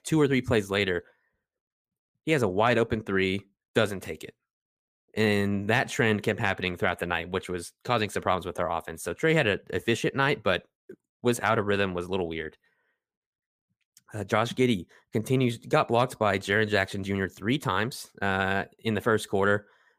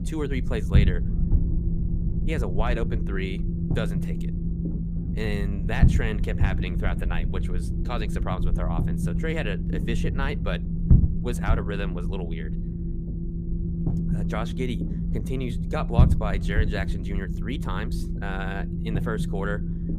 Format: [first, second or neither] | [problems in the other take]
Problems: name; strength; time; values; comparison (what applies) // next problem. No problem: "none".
first | low rumble; loud; throughout; 5 dB below the speech